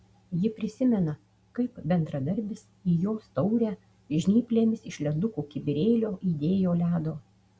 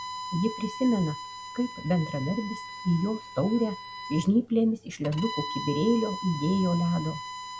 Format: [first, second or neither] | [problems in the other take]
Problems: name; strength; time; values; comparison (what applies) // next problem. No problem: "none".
first | background sound (Bowed string instrument); 11 dB below the speech